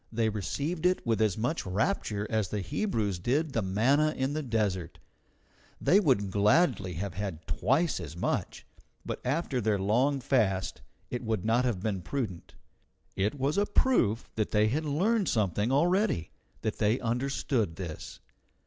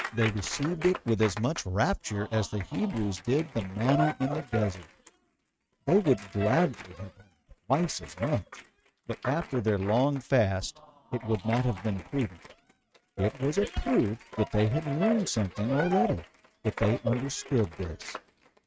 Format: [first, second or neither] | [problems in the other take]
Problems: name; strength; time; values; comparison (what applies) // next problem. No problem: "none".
first | noise reduction (neural mask model RNNoise)